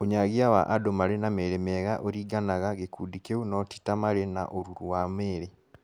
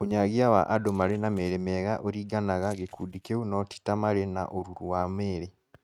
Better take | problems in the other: first | noise reduction (neural mask model RNNoise)

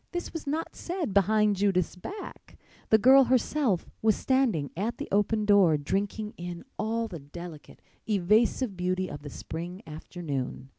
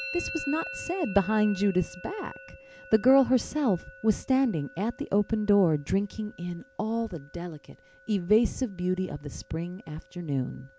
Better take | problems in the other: first | background sound (Musical instrument); 17 dB below the speech

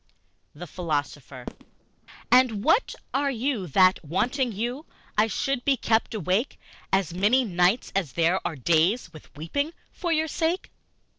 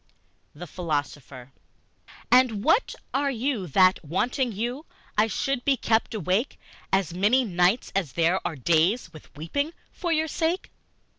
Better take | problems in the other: second | noise reduction (neural separator model SepFormer DNS4)

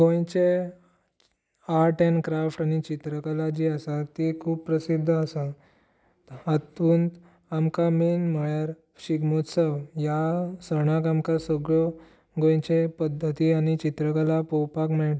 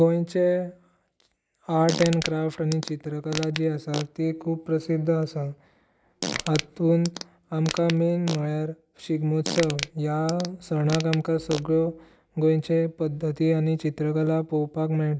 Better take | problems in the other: first | background sound (Fart); 10 dB below the speech

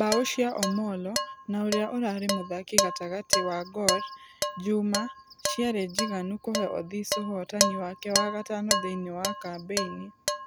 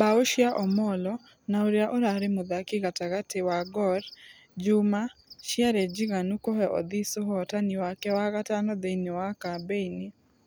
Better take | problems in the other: second | background sound (Dishes, pots, and pans); 1 dB below the speech

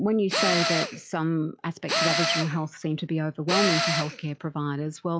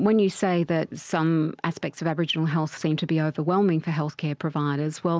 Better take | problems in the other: second | noise reduction (classical method log-MMSE)

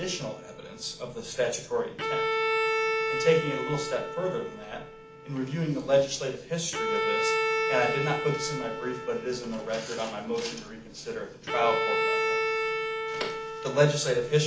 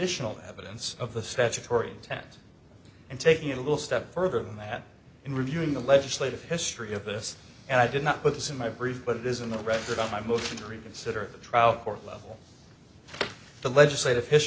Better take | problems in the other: second | background sound (Bowed string instrument); 1 dB below the speech // room echo; dies away in 0.4 s

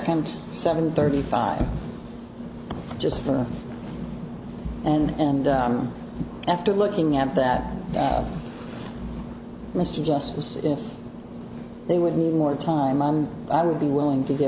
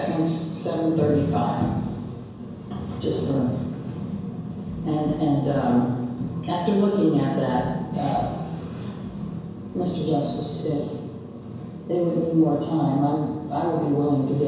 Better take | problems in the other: first | room echo; dies away in 1 s

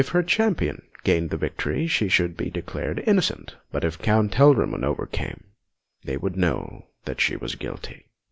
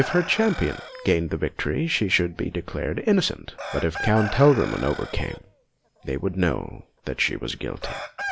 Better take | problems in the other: first | background sound (Chicken, rooster); 13 dB below the speech

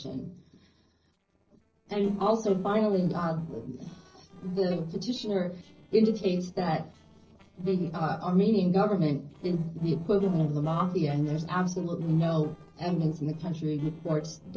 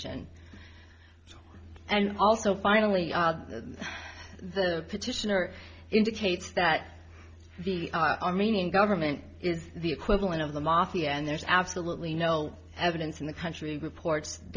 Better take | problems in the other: second | noise reduction (neural separator model SepFormer DNS4)

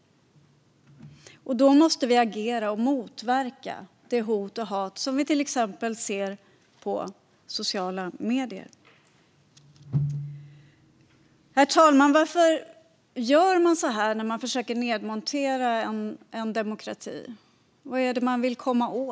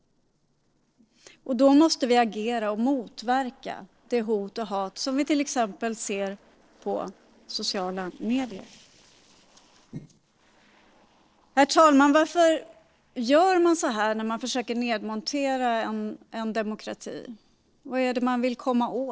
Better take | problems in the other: first | noise reduction (neural separator model SepFormer DNS4)

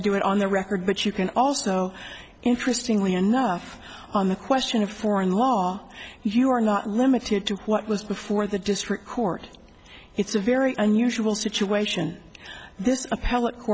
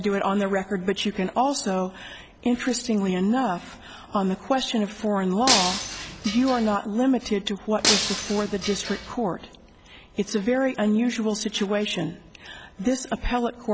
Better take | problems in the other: first | background sound (Shatter); 2 dB below the speech

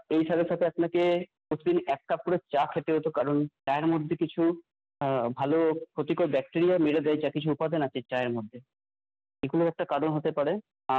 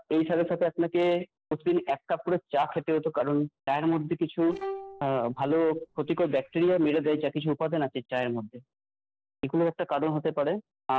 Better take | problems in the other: first | noise reduction (neural separator model SepFormer DNS4)

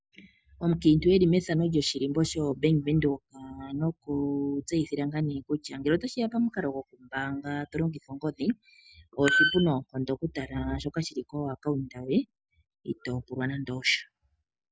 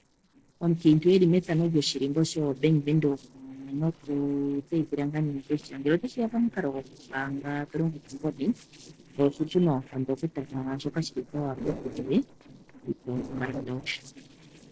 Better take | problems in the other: first | noise reduction (neural separator model SepFormer DNS4)

